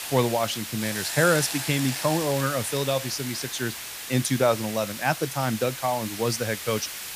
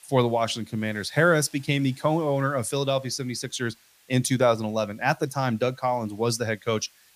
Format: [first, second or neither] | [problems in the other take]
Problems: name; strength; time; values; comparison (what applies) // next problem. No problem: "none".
second | hiss; loud; throughout; 6 dB below the speech; faint in the second